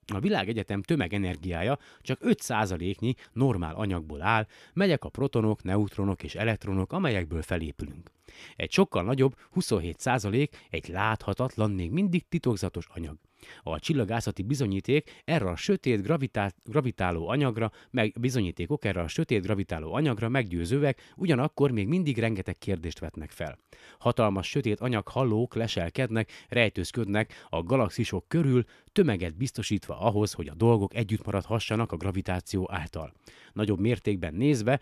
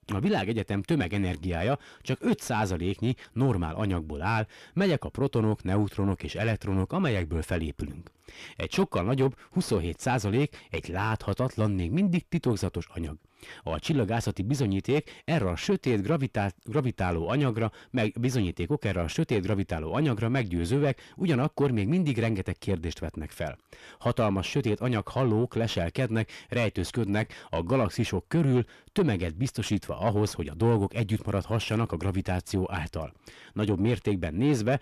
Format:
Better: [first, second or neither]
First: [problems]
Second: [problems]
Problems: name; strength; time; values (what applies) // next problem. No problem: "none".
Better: first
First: none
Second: distortion; slight; 10 dB below the speech